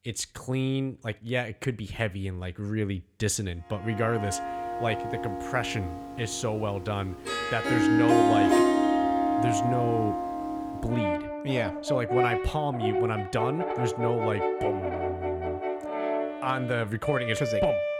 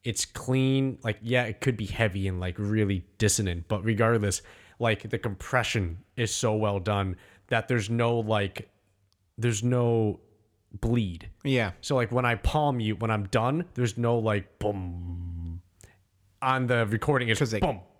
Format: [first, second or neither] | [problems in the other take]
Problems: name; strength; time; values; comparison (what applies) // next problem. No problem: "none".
second | background music; very loud; from 4 s on; 3 dB above the speech